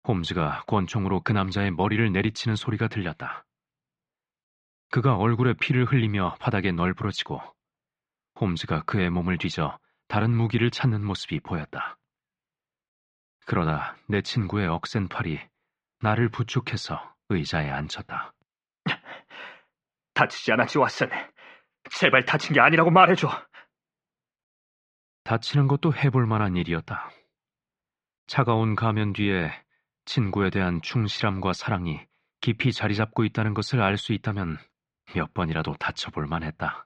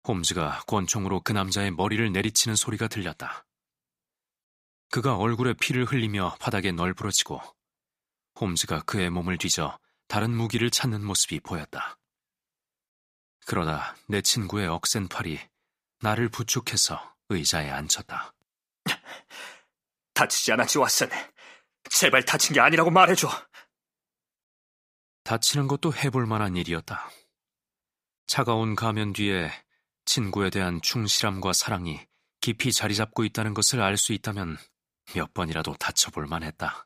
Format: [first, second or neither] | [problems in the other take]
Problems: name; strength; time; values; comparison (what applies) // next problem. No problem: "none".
second | muffled; very; fading above 3 kHz